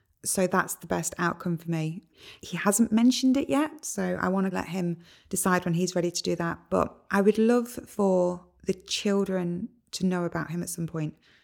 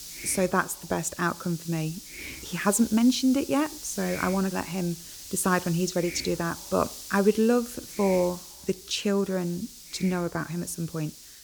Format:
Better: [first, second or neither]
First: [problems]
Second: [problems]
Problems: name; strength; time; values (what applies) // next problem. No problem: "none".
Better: first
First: none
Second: hiss; noticeable; throughout; 10 dB below the speech